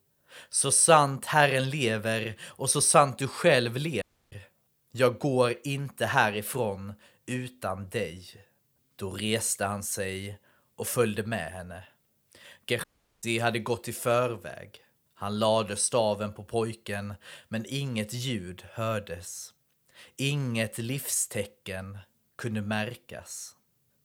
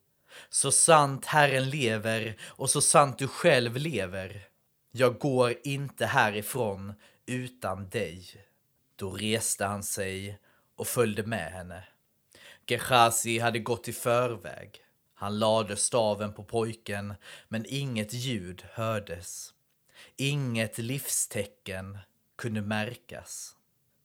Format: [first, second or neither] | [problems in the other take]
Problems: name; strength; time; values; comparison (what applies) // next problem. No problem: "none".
second | audio cutting out; at 4 s and at 13 s